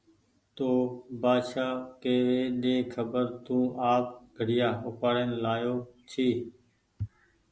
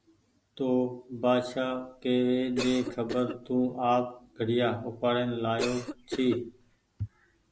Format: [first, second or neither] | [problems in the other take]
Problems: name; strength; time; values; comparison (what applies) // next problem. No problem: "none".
first | background sound (Cough); 12 dB below the speech